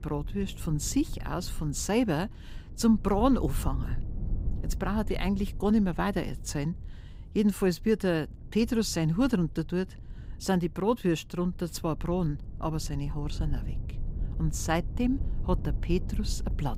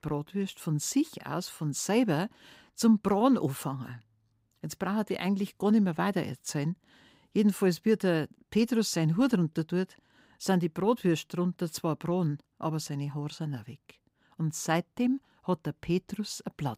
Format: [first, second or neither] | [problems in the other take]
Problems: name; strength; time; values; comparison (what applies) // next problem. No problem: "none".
second | low rumble; faint; throughout; 20 dB below the speech